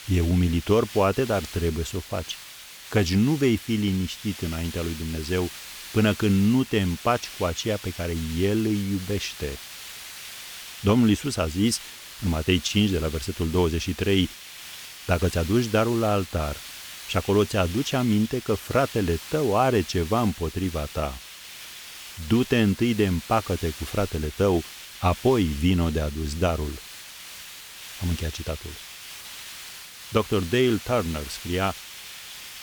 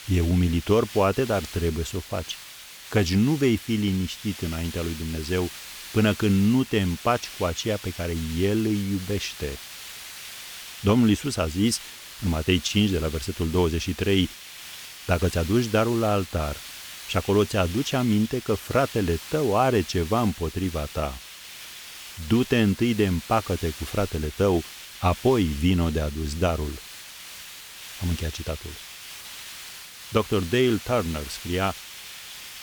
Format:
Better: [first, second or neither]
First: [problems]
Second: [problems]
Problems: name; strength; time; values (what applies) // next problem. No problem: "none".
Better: neither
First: hiss; noticeable; throughout; 15 dB below the speech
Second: hiss; noticeable; throughout; 15 dB below the speech